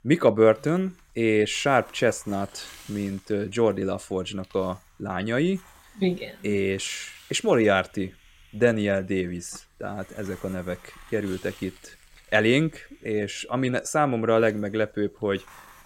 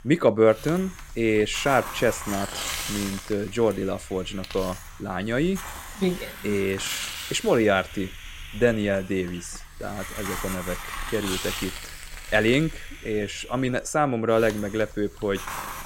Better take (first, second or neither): first